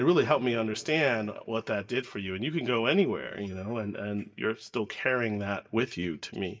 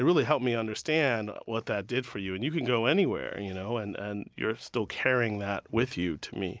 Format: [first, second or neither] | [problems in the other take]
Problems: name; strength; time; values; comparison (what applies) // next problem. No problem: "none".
second | noise reduction (neural mask model DeepFilterNet 3)